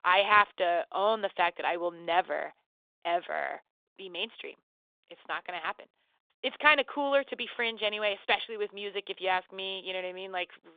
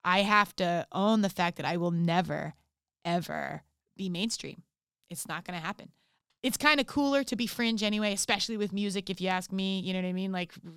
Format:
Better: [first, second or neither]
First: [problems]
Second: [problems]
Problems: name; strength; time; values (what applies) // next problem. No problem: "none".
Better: second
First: phone-call audio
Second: none